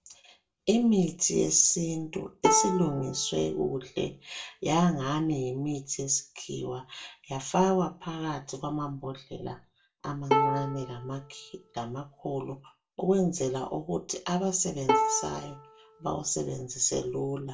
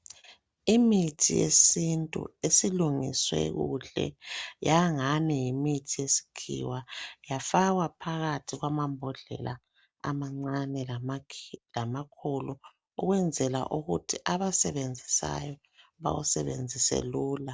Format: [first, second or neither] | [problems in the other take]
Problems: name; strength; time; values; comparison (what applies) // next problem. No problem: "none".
second | background sound (Bowed string instrument); 2 dB below the speech // room echo; dies away in 0.2 s